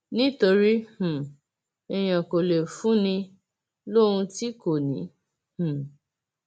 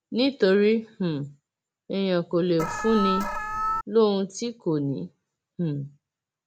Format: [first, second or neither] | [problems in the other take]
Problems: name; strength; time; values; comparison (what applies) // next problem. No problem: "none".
first | background sound (Alarm); 2 dB below the speech